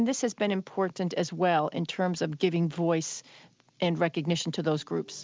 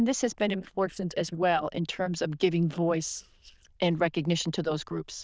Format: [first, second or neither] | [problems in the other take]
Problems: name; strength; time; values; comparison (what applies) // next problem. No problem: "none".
first | noise reduction (neural diffusion model UNIVERSE++)